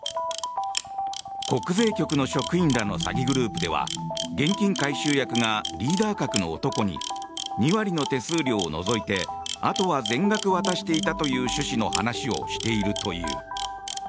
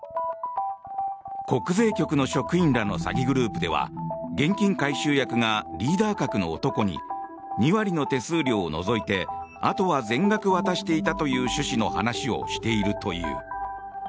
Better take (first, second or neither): second